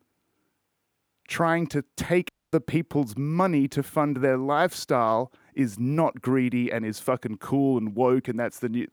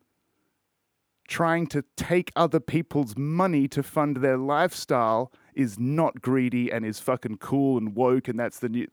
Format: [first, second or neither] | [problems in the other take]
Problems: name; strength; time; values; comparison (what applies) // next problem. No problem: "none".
second | audio cutting out; at 2.5 s